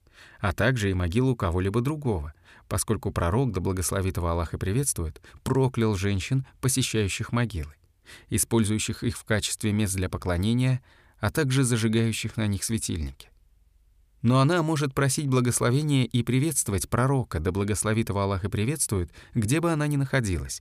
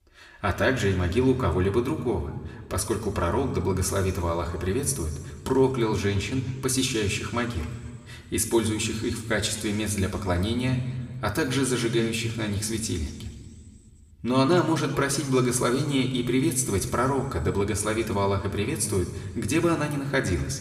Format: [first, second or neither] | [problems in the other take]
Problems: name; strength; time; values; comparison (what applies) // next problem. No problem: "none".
first | room echo; slight; dies away in 1.8 s // off-mic speech; somewhat distant